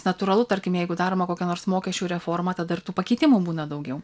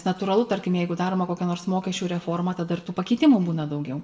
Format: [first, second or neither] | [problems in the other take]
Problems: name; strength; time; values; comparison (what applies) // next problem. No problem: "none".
first | room echo; dies away in 0.9 s